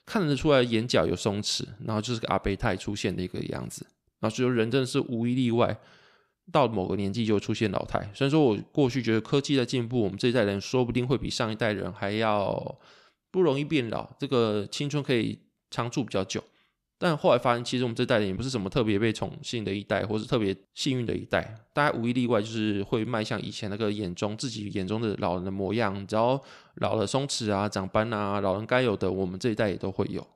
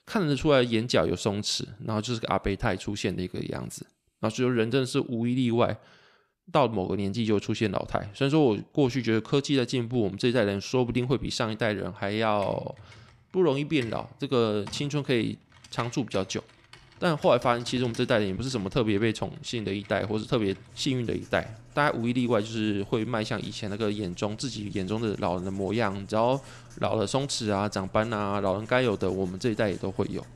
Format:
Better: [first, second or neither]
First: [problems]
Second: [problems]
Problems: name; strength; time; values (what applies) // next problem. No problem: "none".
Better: first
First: none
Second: household noises; faint; throughout; 20 dB below the speech